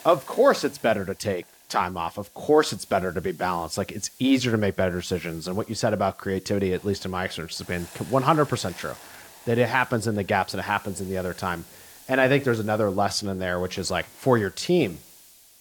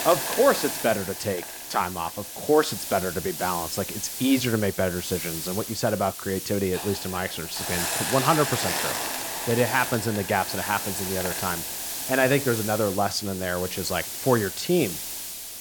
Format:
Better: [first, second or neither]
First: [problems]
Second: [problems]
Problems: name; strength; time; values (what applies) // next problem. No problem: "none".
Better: first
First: hiss; faint; throughout; 20 dB below the speech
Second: hiss; loud; throughout; 4 dB below the speech